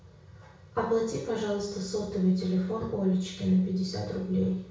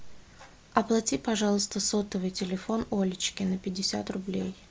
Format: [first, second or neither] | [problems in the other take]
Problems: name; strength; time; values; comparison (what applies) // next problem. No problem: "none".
second | room echo; dies away in 0.6 s